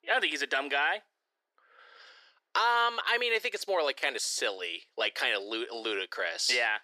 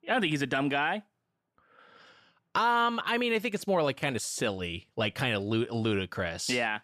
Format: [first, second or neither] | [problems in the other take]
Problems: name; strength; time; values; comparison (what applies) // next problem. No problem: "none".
second | thin; very; fading below 400 Hz